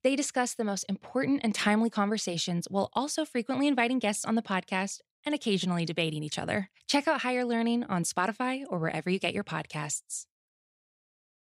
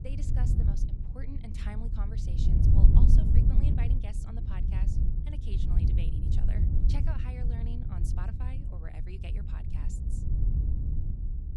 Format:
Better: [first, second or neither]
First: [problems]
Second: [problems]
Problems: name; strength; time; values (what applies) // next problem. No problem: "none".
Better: first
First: none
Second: wind noise on the microphone; heavy; 4 dB above the speech